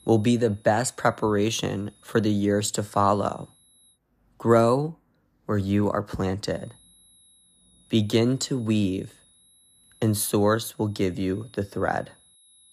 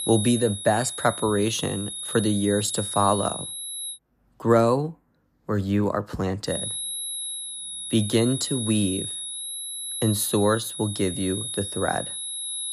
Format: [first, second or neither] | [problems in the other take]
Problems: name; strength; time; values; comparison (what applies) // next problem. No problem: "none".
first | high-pitched whine; loud; until 4 s and from 6.5 s on; 11 kHz, 6 dB below the speech; faint in the first